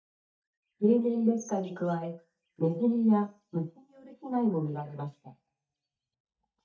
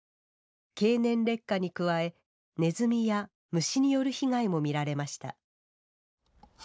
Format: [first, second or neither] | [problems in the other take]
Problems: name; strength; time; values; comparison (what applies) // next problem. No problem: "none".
second | noise reduction (neural mask model DeepFilterNet 3)